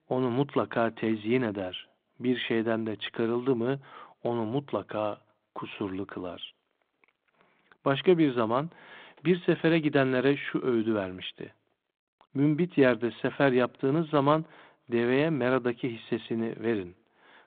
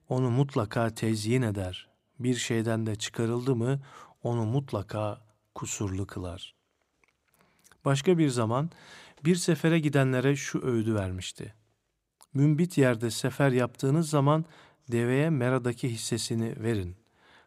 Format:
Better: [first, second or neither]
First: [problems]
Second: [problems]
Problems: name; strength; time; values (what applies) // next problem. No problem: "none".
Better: second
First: phone-call audio; nothing above 3.5 kHz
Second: none